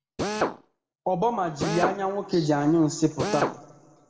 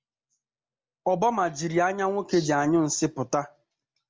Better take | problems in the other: second | background sound (Drill); 3 dB below the speech // room echo; dies away in 1.4 s

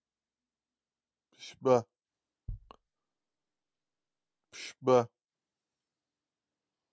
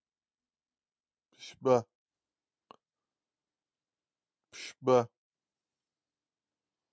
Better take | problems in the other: second | background sound (Bass drum); 15 dB below the speech

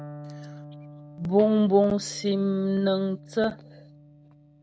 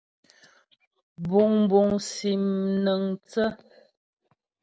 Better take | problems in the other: second | background sound (Electric guitar); 19 dB below the speech

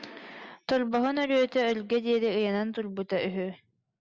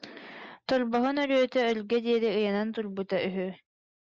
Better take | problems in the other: first | noise reduction (neural mask model Resemble Enhance denoiser)

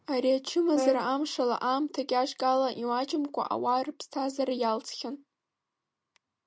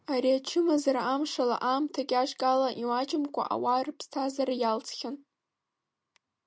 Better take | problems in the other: second | background sound (Brass instrument); 7 dB below the speech

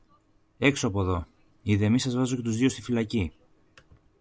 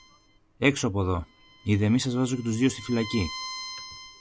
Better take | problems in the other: first | background sound (Bowed string instrument); 15 dB below the speech

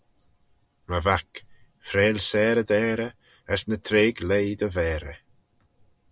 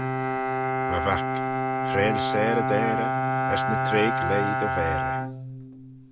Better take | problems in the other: first | background sound (Bowed string instrument); 3 dB above the speech

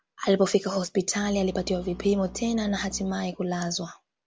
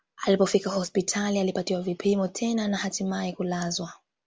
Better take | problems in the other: second | background sound (Bowed string instrument); 17 dB below the speech

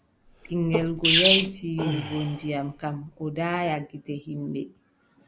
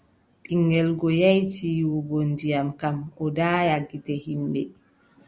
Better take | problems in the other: second | background sound (Sneeze); 1 dB above the speech

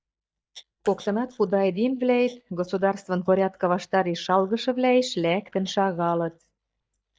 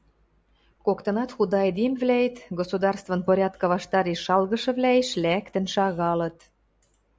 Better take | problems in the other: second | noise reduction (neural mask model DeepFilterNet 3)

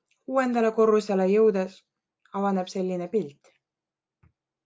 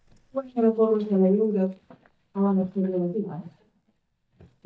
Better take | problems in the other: first | noise reduction (neural mask model DeepFilterNet 3)

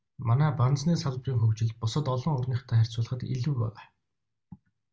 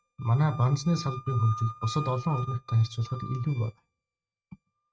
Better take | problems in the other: first | noise reduction (neural mask model RNNoise)

